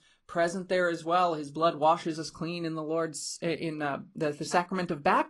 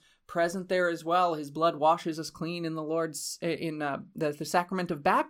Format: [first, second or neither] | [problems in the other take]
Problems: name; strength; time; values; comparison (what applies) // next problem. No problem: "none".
second | garbled, watery; slightly; nothing above 10.5 kHz